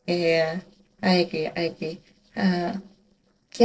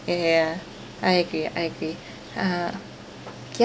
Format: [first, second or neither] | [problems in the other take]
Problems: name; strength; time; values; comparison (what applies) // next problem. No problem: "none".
second | noise reduction (neural separator model SepFormer DNS4)